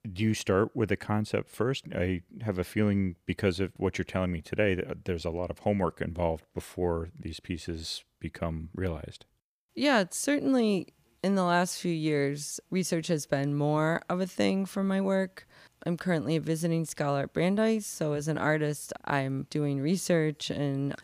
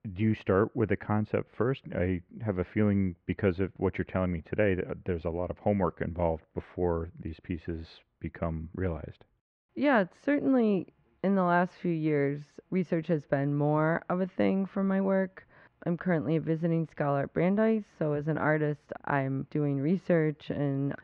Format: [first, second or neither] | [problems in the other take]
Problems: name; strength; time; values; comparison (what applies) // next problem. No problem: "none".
first | muffled; very; fading above 2 kHz